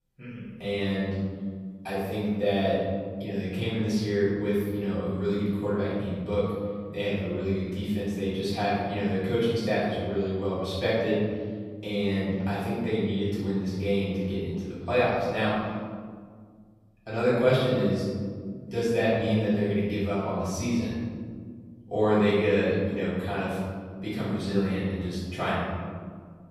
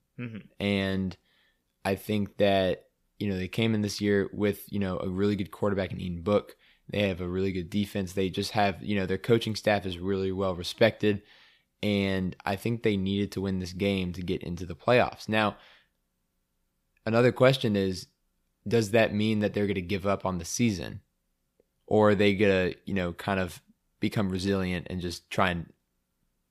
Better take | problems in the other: second | room echo; strong; dies away in 1.9 s // off-mic speech; far

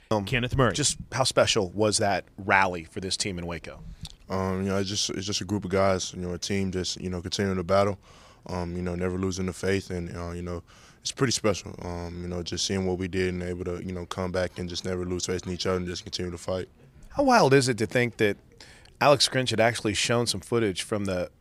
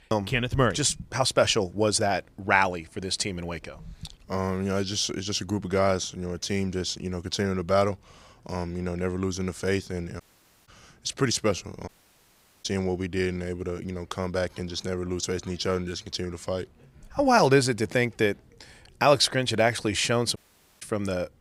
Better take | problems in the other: first | audio cutting out; at 10 s, at 12 s for 1 s and at 20 s

